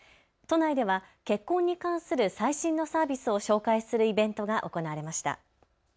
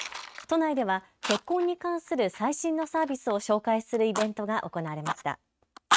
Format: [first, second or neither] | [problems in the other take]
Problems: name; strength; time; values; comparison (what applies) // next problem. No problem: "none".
first | noise reduction (neural mask model RNNoise)